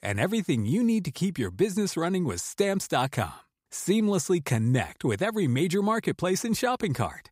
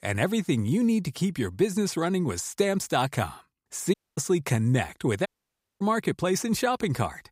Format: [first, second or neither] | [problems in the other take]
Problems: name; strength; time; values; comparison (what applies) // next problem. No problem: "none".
first | audio cutting out; at 4 s and at 5.5 s for 0.5 s